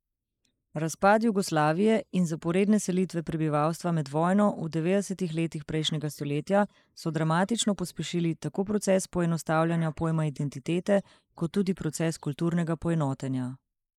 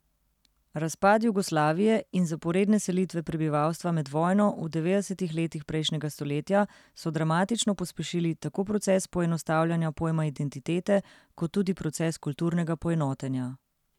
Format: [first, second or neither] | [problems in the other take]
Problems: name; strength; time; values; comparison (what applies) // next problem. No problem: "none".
second | noise reduction (neural mask model Resemble Enhance denoiser)